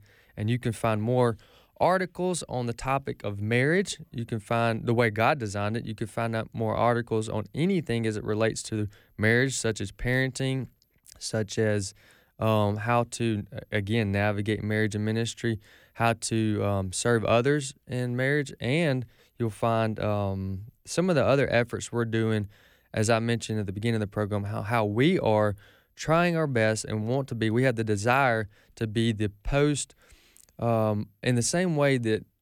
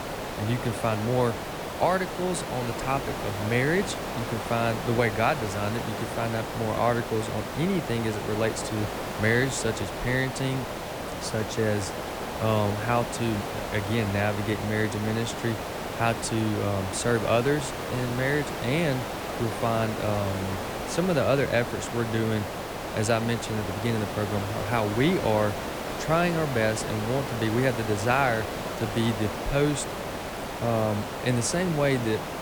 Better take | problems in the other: first | hiss; loud; throughout; 5 dB below the speech

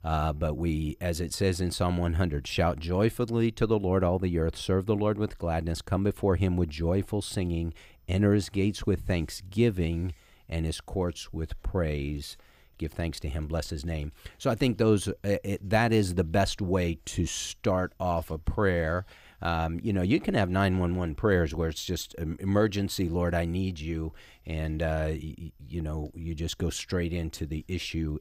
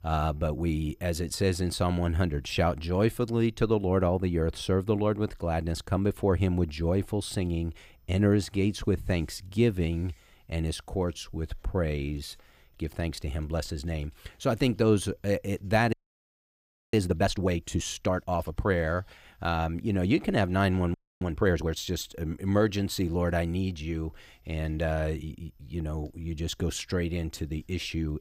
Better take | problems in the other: first | audio freezing; at 16 s for 1 s and at 21 s

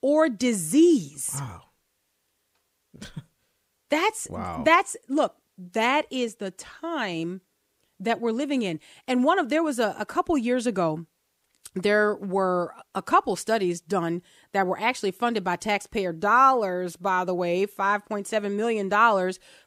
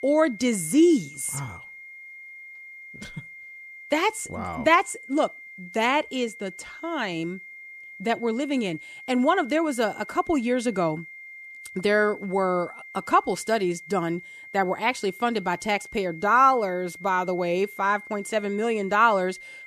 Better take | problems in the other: first | high-pitched whine; noticeable; throughout; 2 kHz, 15 dB below the speech

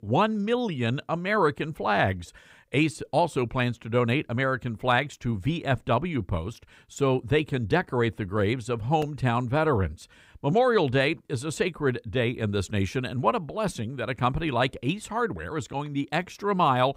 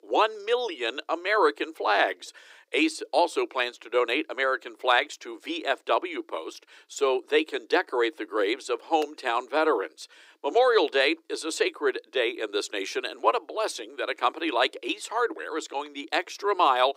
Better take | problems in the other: first | thin; very; fading below 300 Hz

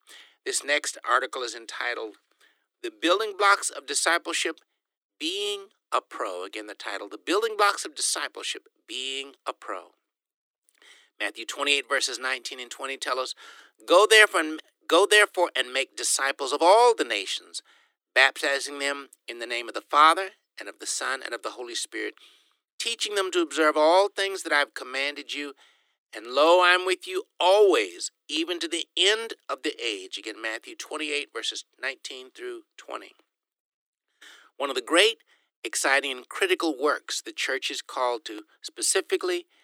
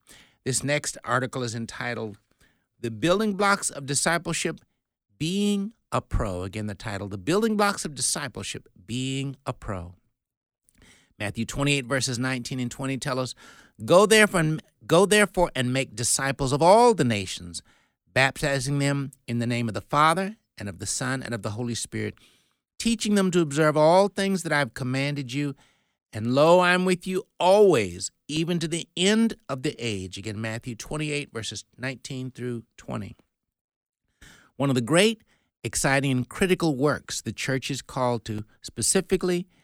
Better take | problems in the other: second | thin; very; fading below 300 Hz

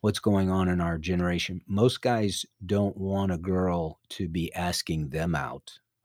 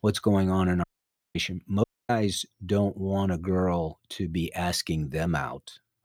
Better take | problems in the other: first | audio cutting out; at 1 s for 0.5 s and at 2 s

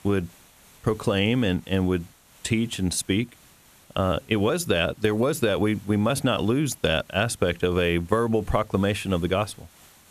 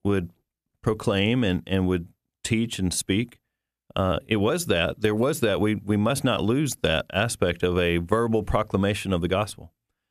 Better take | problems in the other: second | hiss; faint; throughout; 30 dB below the speech

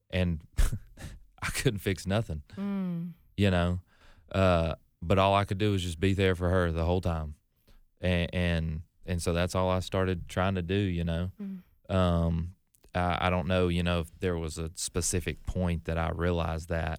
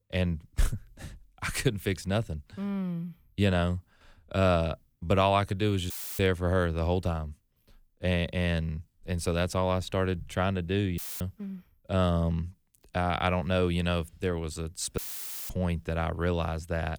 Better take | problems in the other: first | audio cutting out; filled with static; at 6 s, at 11 s and at 15 s for 0.5 s

